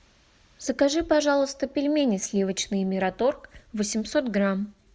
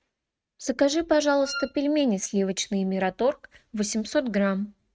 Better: first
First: none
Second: noise reduction (neural mask model RNNoise)

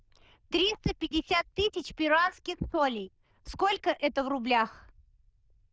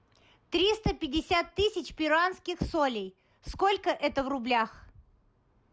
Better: second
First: noise reduction (neural diffusion model UNIVERSE++)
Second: none

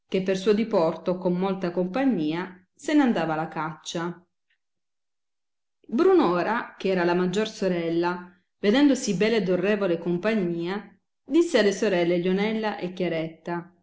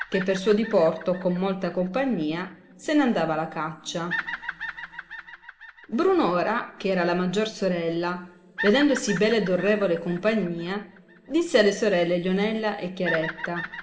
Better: first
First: none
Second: background sound (Bird vocalization, bird call, bird song); 14 dB below the speech // room echo; dies away in 1.6 s

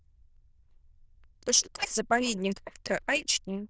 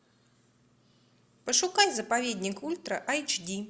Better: second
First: noise reduction (neural diffusion model UNIVERSE++)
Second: none

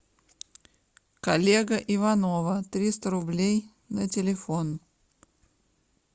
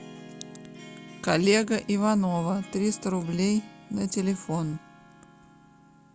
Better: first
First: none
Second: background sound (Harp + Piano); 19 dB below the speech

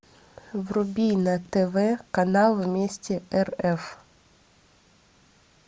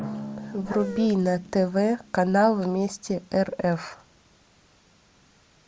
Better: first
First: none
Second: background sound (Drum + Dog); 14 dB below the speech

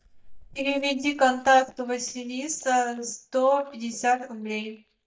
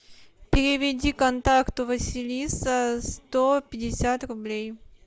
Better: second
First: noise reduction (neural mask model DeepFilterNet 3)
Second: none

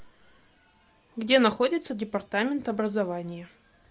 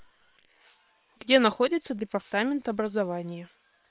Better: first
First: none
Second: noise reduction (neural separator model SepFormer WHAM!)

